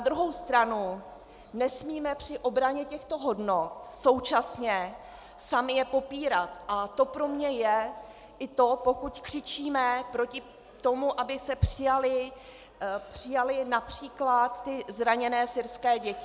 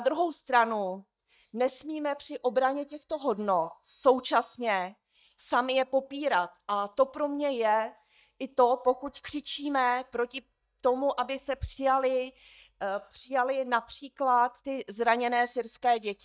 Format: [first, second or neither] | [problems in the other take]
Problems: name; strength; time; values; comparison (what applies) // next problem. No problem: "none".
first | noise reduction (neural mask model DeepFilterNet 3)